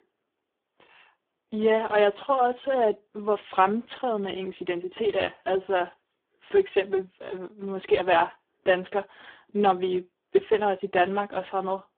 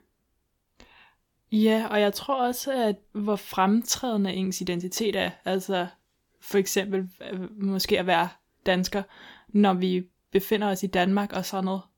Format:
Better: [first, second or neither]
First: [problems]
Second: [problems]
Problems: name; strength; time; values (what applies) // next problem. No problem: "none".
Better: second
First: phone-call audio; poor line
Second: none